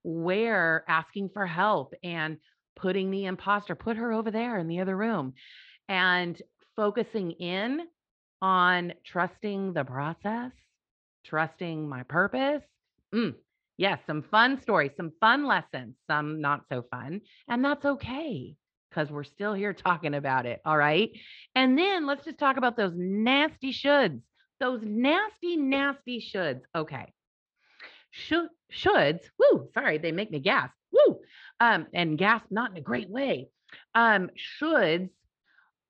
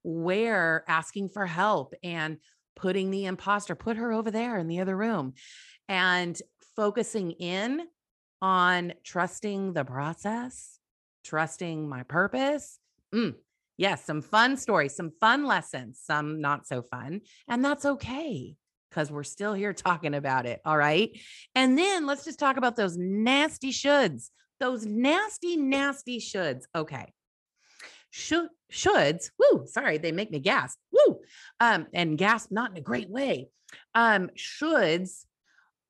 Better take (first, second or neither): second